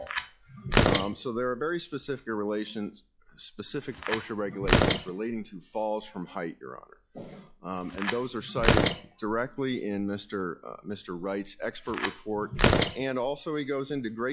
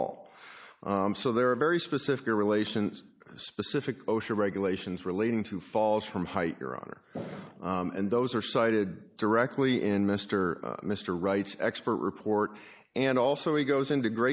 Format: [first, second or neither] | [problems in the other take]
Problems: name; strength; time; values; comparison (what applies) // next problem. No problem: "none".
second | noise reduction (classical method log-MMSE)